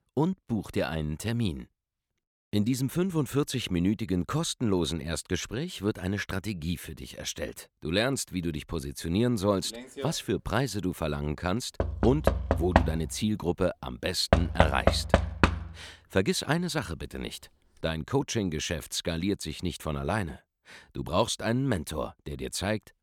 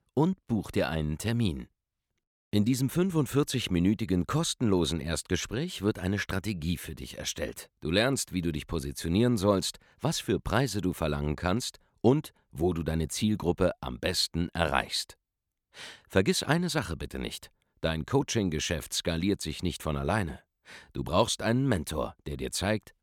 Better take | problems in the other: second | door banging; loud; from 12 to 16 s; peak 6 dB above the speech

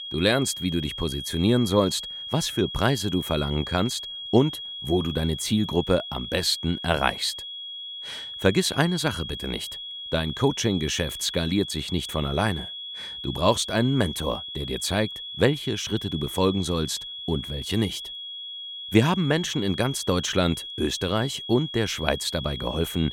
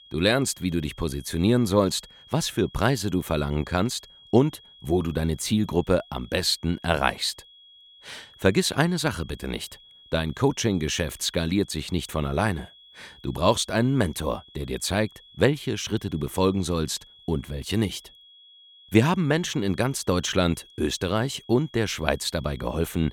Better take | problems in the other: second | high-pitched whine; loud; throughout; 3.5 kHz, 8 dB below the speech; faint in the second

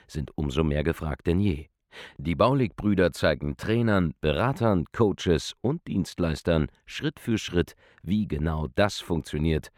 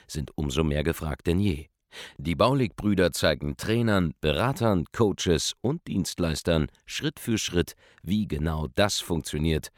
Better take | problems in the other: second | muffled; very slightly; fading above 3.5 kHz

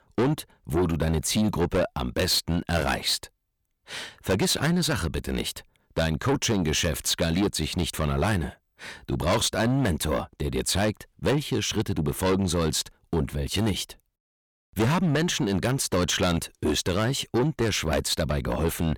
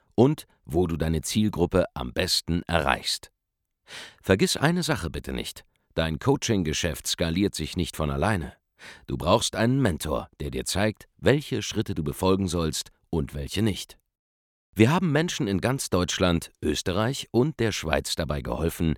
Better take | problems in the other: second | distortion; heavy; 6 dB below the speech

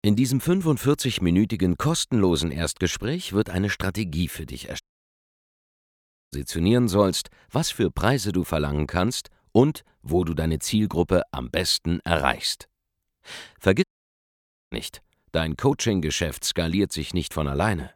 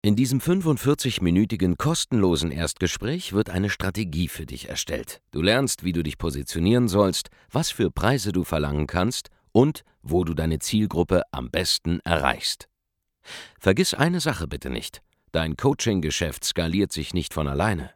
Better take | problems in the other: second | audio cutting out; at 5 s for 1.5 s and at 14 s for 1 s

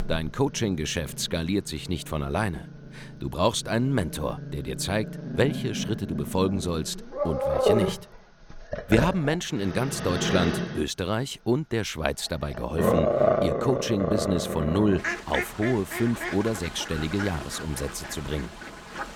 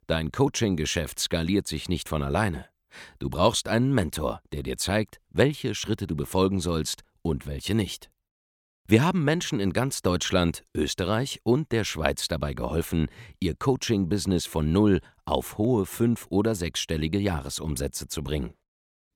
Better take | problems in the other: second | animal sounds; loud; throughout; 2 dB below the speech

